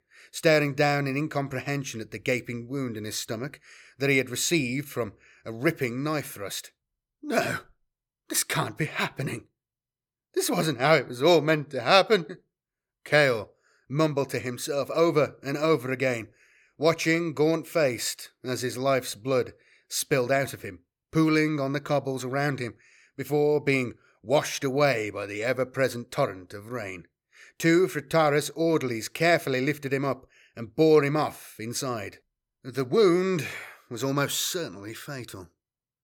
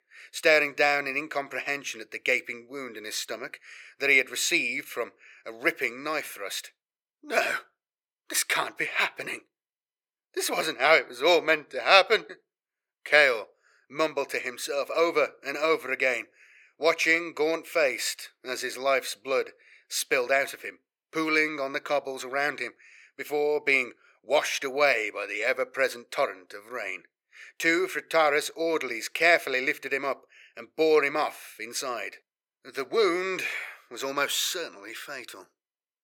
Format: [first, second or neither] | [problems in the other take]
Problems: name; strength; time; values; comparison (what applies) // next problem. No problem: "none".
first | thin; somewhat; fading below 500 Hz